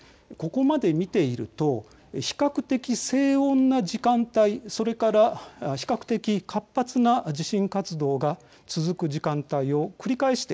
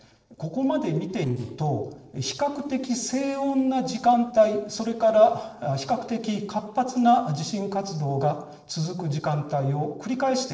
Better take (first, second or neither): first